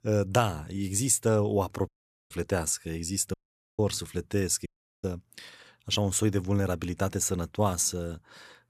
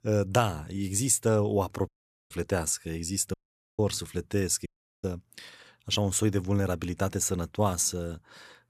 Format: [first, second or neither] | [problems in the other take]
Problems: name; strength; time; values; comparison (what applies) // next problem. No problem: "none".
neither | audio cutting out; at 2 s, at 3.5 s and at 4.5 s; the same in both